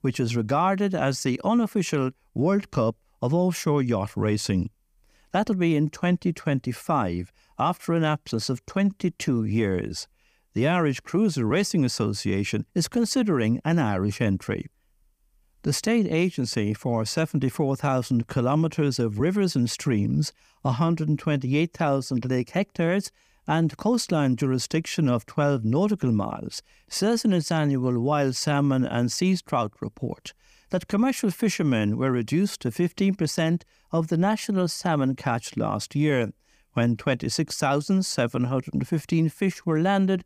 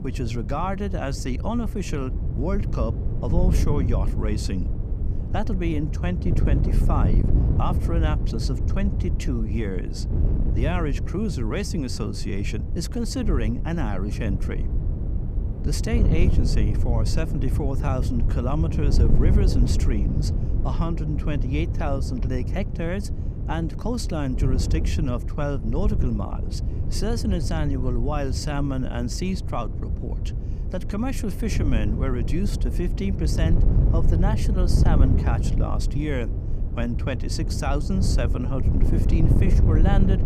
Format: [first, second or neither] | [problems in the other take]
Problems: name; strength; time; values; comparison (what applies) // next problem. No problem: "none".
first | wind noise on the microphone; heavy; 6 dB below the speech